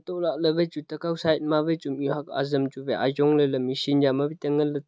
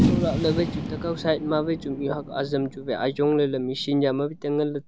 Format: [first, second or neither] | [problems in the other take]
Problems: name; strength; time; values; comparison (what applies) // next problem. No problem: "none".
first | background sound (Fireworks); 5 dB below the speech